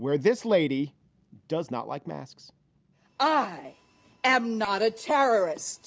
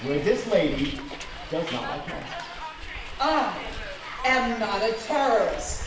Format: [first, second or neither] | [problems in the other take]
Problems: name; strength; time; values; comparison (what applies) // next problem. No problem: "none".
first | background sound (Hiss); 9 dB below the speech // room echo; dies away in 0.8 s